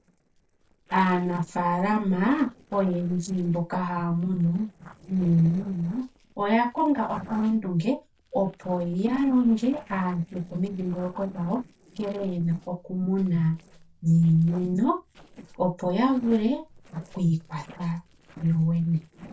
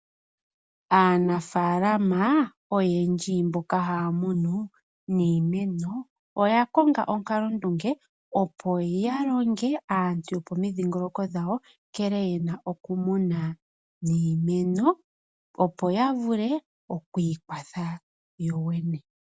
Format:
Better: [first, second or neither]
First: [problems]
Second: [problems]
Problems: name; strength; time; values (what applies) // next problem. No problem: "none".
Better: second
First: noise reduction (neural separator model SepFormer DNS4)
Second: none